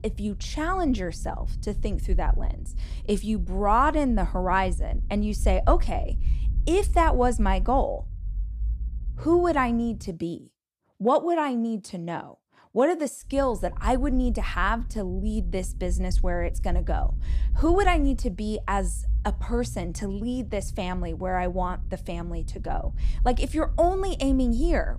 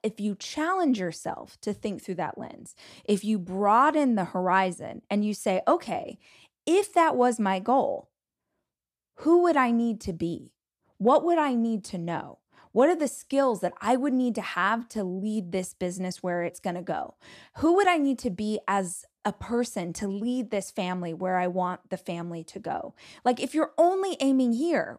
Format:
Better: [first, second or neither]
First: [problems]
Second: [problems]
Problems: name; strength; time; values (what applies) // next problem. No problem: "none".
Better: second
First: low rumble; faint; until 10 s and from 13 s on; 25 dB below the speech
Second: none